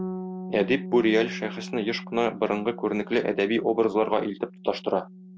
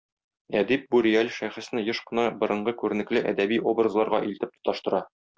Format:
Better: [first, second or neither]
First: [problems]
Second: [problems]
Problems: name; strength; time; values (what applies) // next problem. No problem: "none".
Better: second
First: background sound (Bass guitar); 12 dB below the speech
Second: none